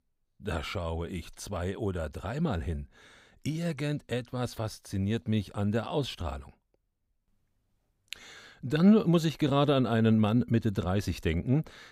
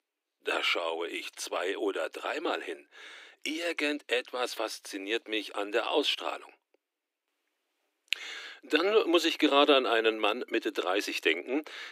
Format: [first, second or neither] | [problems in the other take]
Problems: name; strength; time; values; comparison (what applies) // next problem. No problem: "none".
first | thin; very; fading below 300 Hz